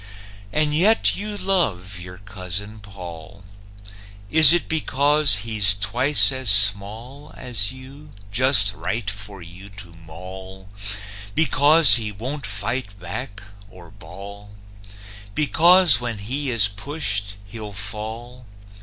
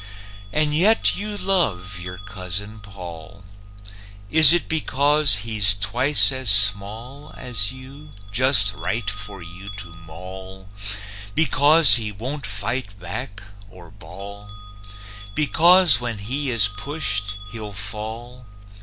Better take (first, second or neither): first